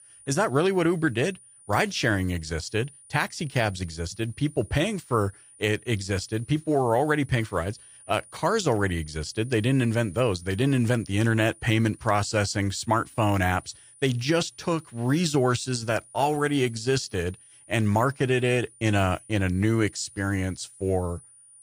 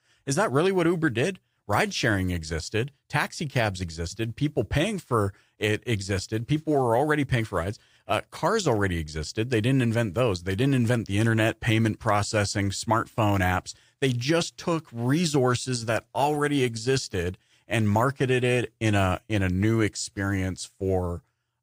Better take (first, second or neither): second